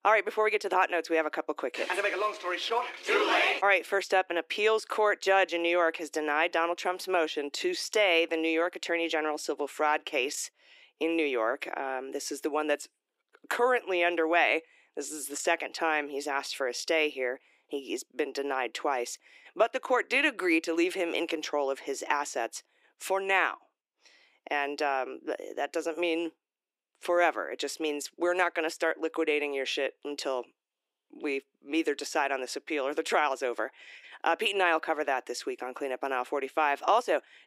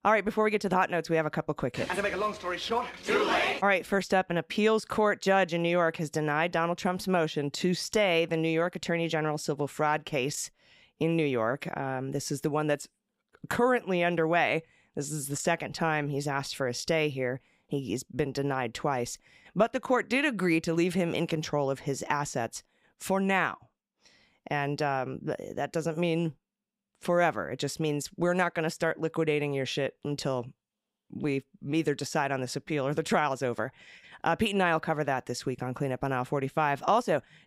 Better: second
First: thin; somewhat; fading below 300 Hz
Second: none

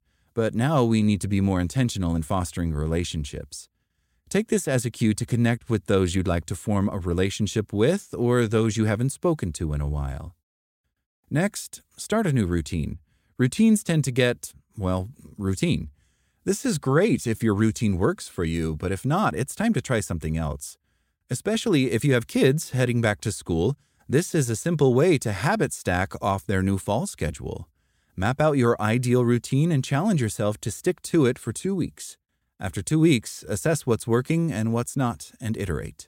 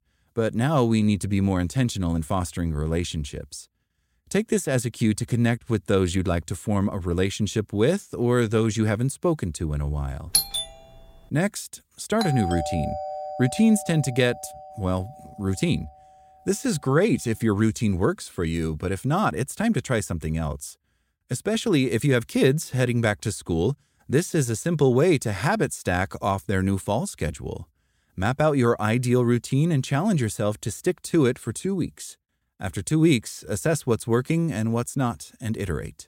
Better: first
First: none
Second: doorbell; loud; at 10 s; peak 3 dB above the speech // doorbell; noticeable; from 12 to 15 s; peak 5 dB below the speech

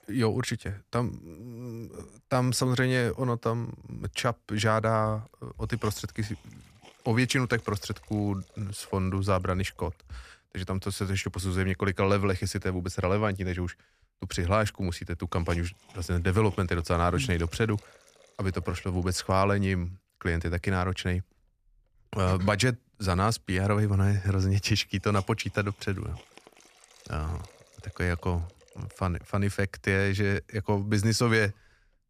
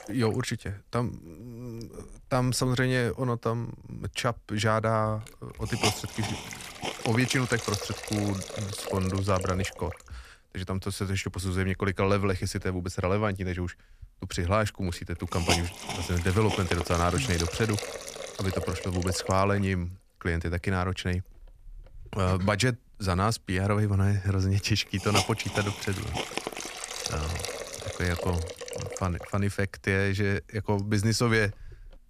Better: first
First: hiss; faint; throughout; 25 dB below the speech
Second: hiss; loud; throughout; 6 dB below the speech

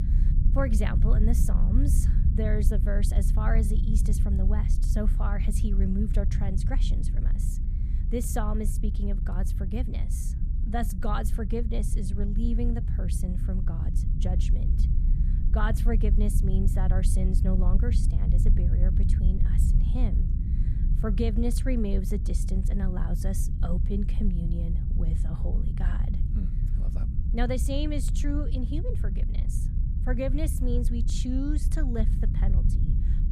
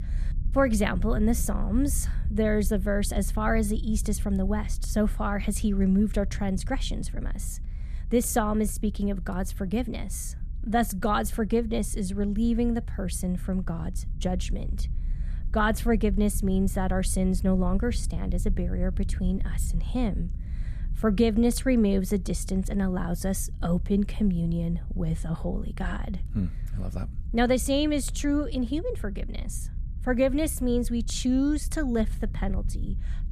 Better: second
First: low rumble; loud; throughout; 7 dB below the speech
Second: low rumble; faint; throughout; 20 dB below the speech

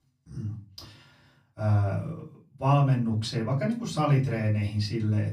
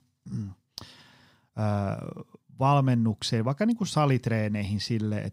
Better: second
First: off-mic speech; far // room echo; very slight; dies away in 0.3 s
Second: none

